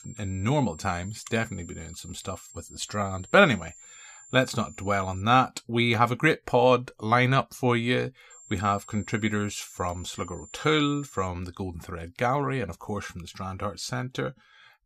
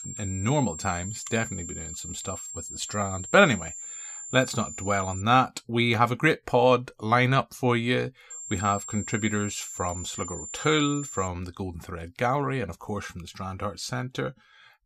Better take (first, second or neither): first